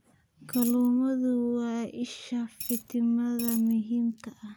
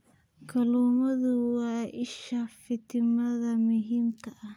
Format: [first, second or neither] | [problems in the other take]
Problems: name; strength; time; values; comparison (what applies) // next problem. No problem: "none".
second | background sound (Coin (dropping)); 8 dB below the speech